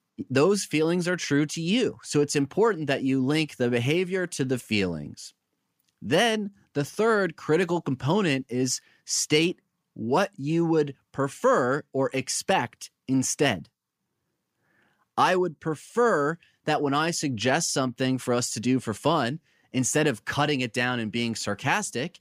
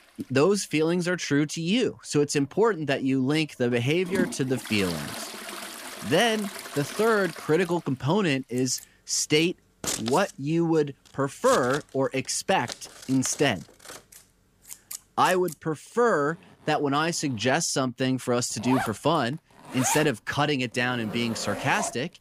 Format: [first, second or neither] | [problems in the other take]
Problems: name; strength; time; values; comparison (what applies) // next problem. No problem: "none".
first | household noises; noticeable; throughout; 10 dB below the speech